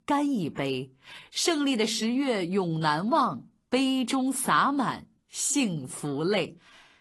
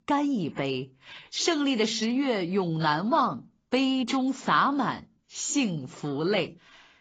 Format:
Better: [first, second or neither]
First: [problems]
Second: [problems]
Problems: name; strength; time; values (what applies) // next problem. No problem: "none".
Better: first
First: garbled, watery; slightly; nothing above 11.5 kHz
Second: garbled, watery; badly; nothing above 7.5 kHz